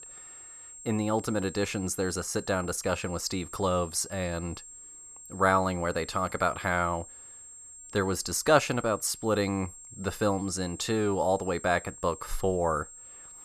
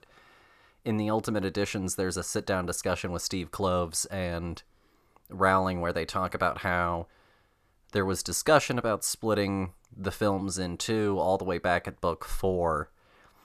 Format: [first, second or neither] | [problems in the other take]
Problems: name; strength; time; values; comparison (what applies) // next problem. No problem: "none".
second | high-pitched whine; noticeable; throughout; 7.5 kHz, 15 dB below the speech